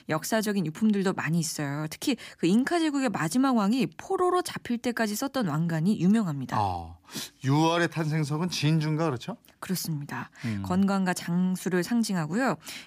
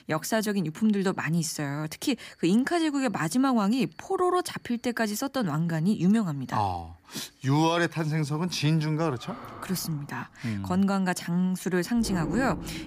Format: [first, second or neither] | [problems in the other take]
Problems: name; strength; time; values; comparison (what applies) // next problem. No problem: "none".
first | animal sounds; noticeable; throughout; 10 dB below the speech